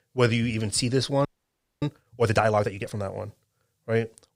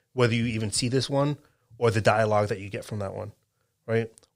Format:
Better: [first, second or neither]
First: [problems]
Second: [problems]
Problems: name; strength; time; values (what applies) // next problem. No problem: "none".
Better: second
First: audio freezing; at 1.5 s for 0.5 s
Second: none